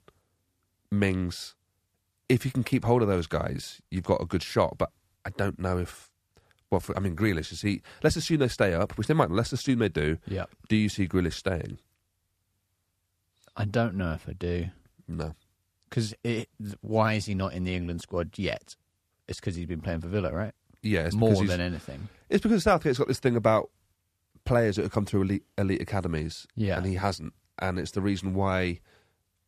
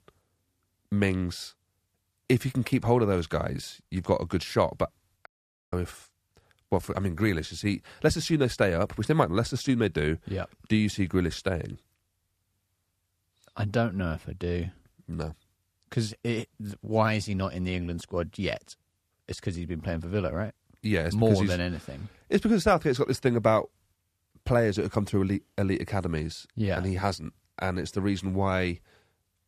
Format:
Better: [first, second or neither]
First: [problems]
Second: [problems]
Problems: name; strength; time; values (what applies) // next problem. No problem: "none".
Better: first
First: none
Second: audio cutting out; at 5.5 s